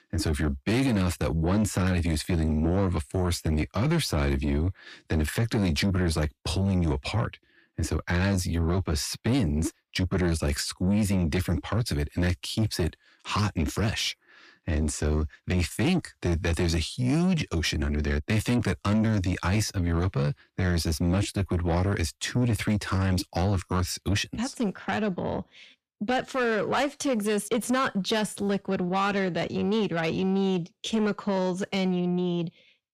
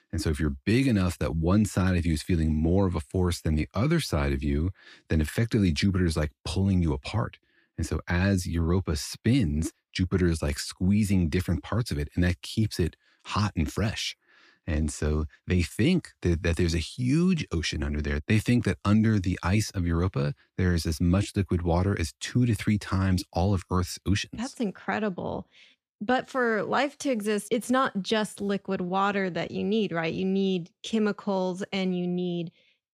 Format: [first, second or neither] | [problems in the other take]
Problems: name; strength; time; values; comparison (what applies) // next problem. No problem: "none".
second | distortion; slight; 10 dB below the speech